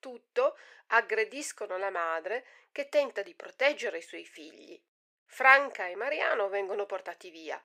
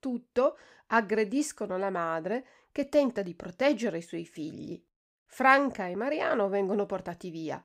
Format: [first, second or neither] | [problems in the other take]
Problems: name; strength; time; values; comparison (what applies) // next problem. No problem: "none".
second | thin; very; fading below 450 Hz